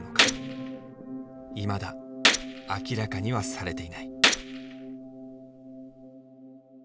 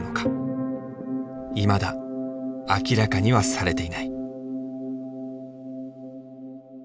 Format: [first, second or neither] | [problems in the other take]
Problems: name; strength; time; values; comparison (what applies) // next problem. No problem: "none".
second | background sound (Gunshot, gunfire); 4 dB above the speech